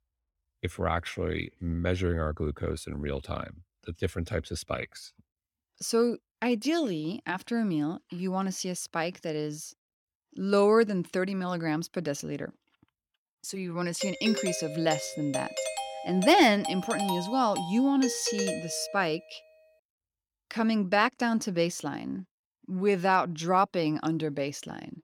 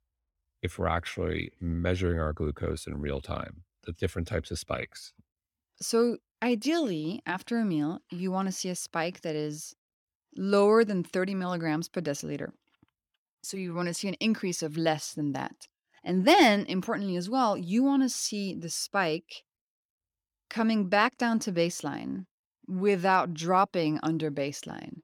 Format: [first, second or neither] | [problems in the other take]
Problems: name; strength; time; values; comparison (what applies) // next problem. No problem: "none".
second | doorbell; noticeable; from 14 to 19 s; peak 3 dB below the speech